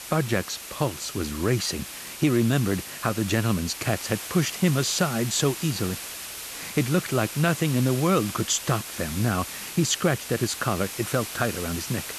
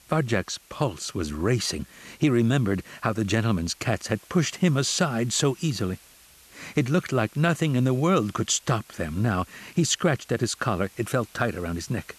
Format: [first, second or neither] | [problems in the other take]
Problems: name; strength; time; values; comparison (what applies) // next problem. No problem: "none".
second | hiss; loud; throughout; 9 dB below the speech; faint in the second